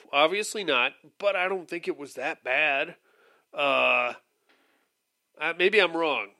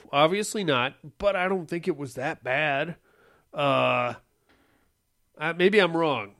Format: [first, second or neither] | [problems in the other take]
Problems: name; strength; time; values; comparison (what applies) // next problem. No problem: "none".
second | thin; somewhat; fading below 400 Hz